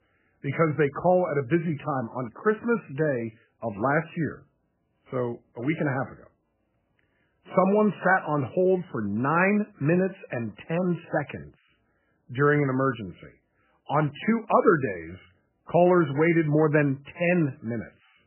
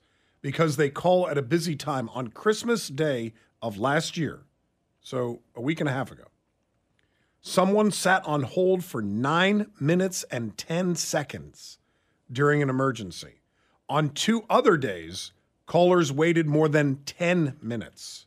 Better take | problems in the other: second | garbled, watery; badly; nothing above 2.5 kHz

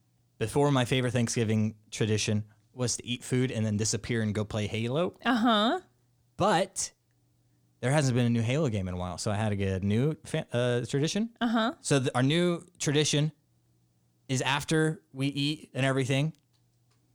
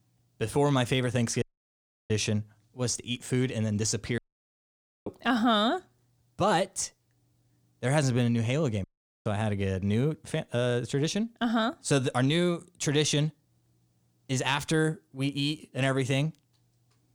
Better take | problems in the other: first | audio cutting out; at 1.5 s for 0.5 s, at 4 s for 1 s and at 9 s

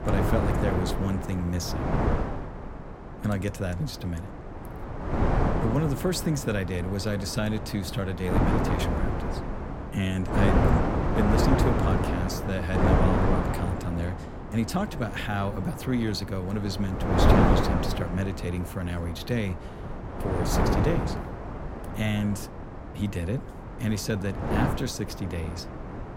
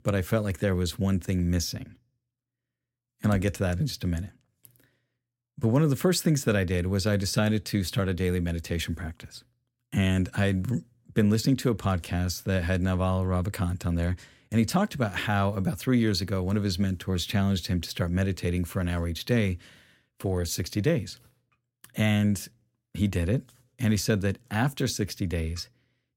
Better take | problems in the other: second | wind noise on the microphone; heavy; 2 dB above the speech

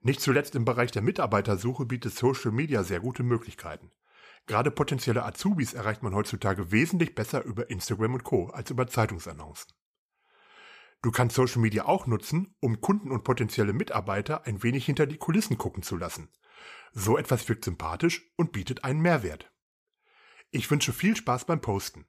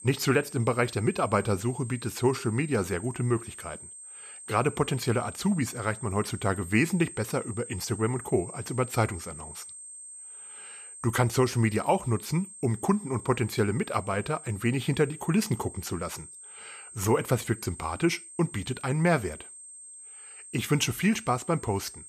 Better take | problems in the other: first | high-pitched whine; noticeable; throughout; 8.5 kHz, 15 dB below the speech

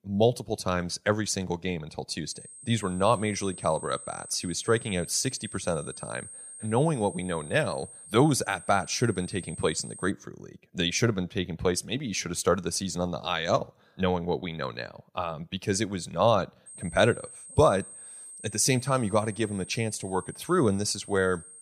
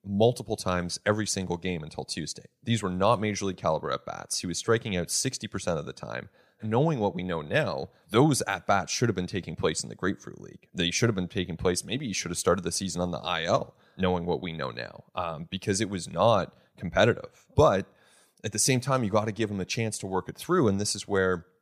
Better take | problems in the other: second | high-pitched whine; noticeable; from 2.5 to 10 s and from 17 s on; 8.5 kHz, 15 dB below the speech

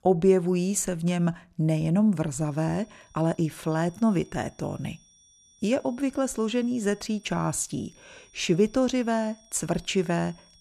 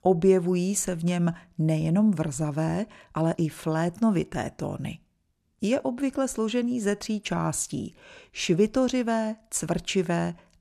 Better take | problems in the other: second | high-pitched whine; faint; from 2.5 s on; 5.5 kHz, 30 dB below the speech

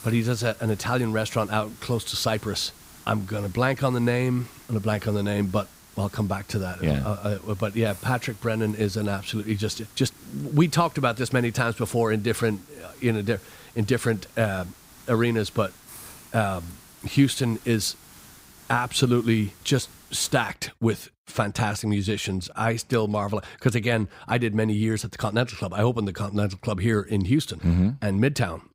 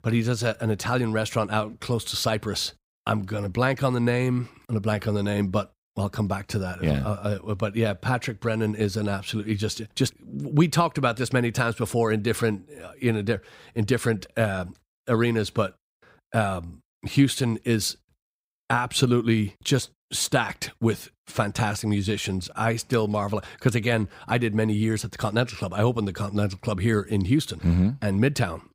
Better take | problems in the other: second | hiss; faint; until 21 s; 20 dB below the speech

